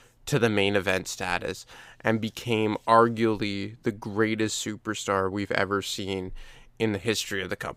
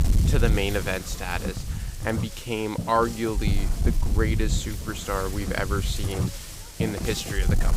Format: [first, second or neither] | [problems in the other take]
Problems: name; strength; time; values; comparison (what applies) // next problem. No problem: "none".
first | wind noise on the microphone; heavy; 9 dB below the speech